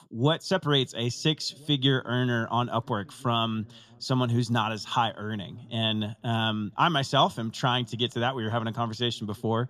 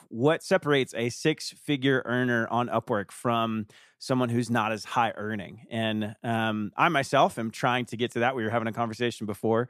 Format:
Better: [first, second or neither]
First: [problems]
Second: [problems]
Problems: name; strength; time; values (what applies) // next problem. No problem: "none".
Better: second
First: room echo; slight; dies away in 3 s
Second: none